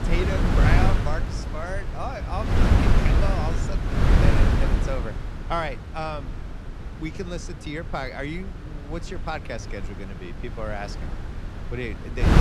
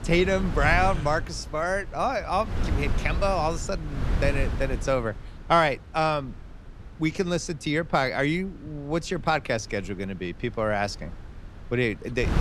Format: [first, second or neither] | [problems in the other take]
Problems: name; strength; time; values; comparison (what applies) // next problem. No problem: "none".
second | wind noise on the microphone; heavy; 1 dB above the speech; occasional gusts in the second